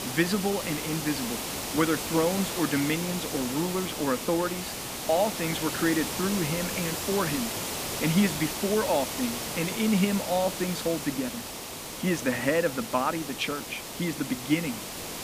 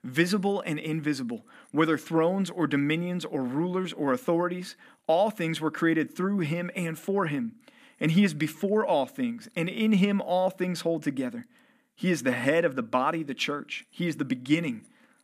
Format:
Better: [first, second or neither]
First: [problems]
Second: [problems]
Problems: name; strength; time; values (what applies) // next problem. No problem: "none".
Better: second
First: hiss; loud; throughout; 4 dB below the speech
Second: none